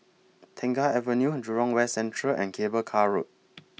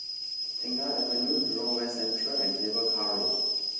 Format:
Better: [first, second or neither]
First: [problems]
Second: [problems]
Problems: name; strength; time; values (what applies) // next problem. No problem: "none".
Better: first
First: none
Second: background sound (Boiling / Alarm); 5 dB above the speech // room echo; dies away in 1.1 s